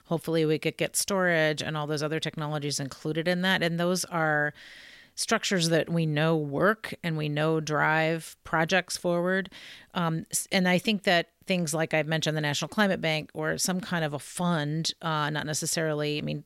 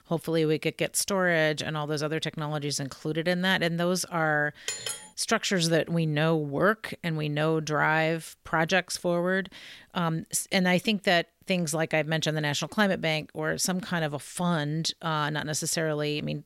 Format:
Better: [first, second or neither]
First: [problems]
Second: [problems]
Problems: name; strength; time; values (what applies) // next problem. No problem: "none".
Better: first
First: none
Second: clattering dishes; noticeable; at 4.5 s; peak 5 dB below the speech